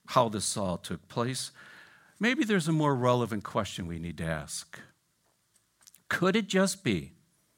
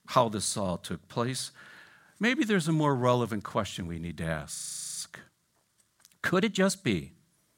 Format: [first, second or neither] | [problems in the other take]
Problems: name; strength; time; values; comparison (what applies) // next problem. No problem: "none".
first | audio freezing; at 4.5 s